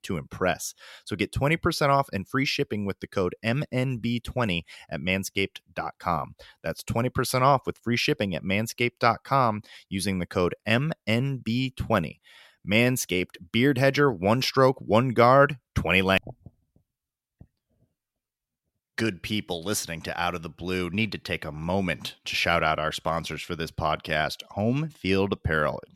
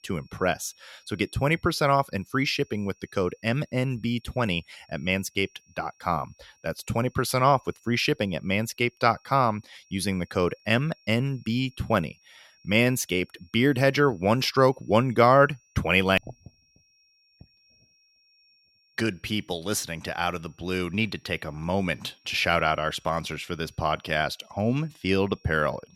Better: first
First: none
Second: high-pitched whine; faint; throughout; 5.5 kHz, 35 dB below the speech

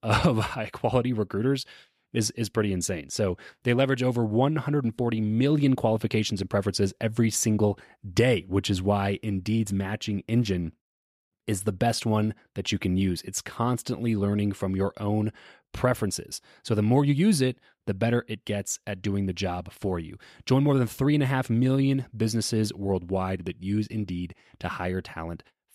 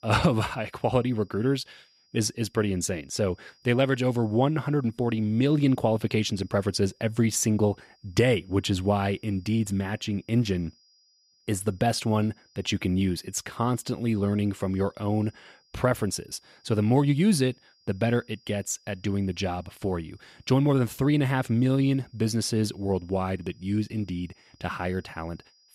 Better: first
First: none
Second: high-pitched whine; faint; throughout; 5 kHz, 35 dB below the speech

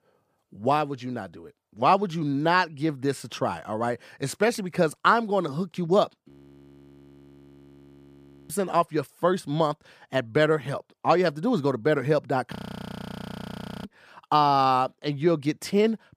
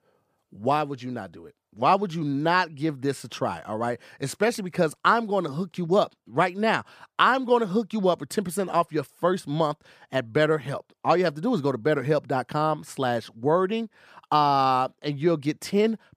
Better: second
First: audio freezing; at 6.5 s for 2 s and at 13 s for 1.5 s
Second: none

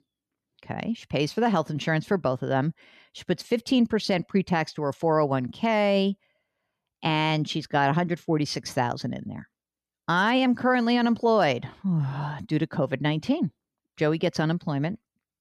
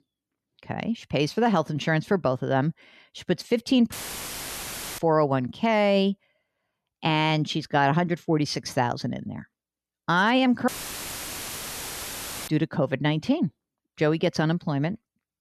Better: first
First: none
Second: audio cutting out; filled with static; at 4 s for 1 s and at 11 s for 2 s

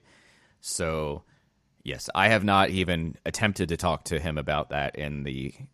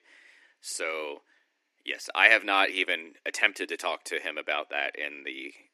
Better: first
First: none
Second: thin; very; fading below 300 Hz

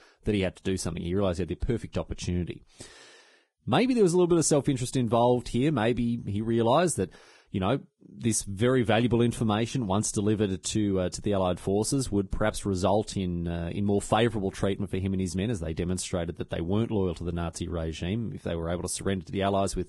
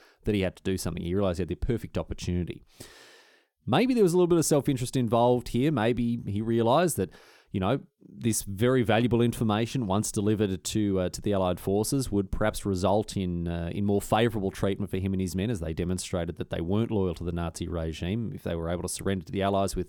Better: second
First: garbled, watery; badly; nothing above 10.5 kHz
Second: none

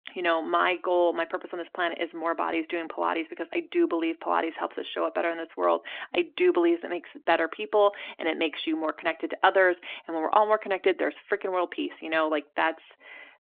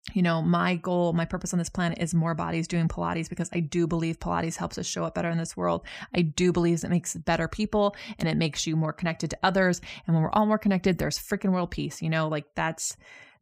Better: second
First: phone-call audio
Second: none

